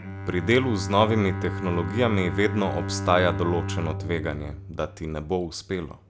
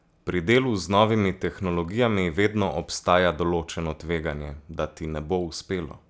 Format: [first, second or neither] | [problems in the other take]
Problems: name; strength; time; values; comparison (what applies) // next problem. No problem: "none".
second | background sound (Bowed string instrument); 6 dB below the speech